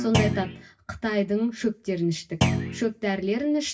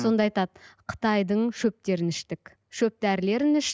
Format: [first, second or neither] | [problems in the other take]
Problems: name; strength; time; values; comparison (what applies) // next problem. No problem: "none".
second | background sound (Thump, thud); 1 dB above the speech // room echo; dies away in 0.1 s